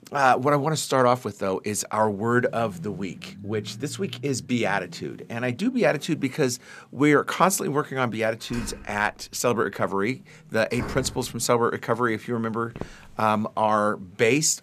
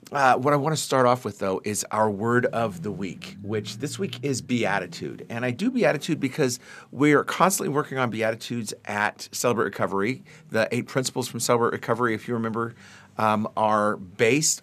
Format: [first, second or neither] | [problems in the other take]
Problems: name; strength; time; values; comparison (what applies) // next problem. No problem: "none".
second | door banging; faint; from 8.5 to 11 s; peak 10 dB below the speech // footsteps; faint; at 13 s; peak 15 dB below the speech